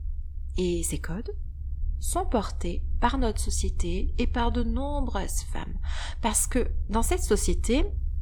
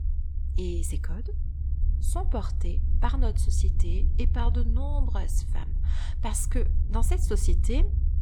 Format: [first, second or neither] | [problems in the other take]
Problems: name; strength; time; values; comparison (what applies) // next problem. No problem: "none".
first | low rumble; loud; throughout; 10 dB below the speech; faint in the first